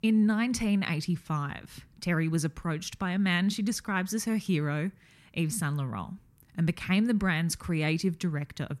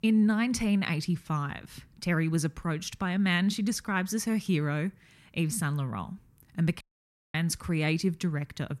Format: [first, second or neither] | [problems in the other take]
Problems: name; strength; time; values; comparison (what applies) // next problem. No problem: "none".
first | audio cutting out; at 7 s for 0.5 s